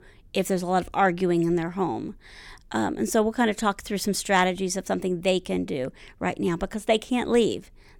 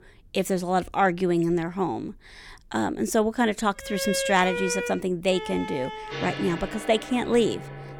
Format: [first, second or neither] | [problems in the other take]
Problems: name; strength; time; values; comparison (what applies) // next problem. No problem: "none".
first | background music; loud; from 4 s on; 8 dB below the speech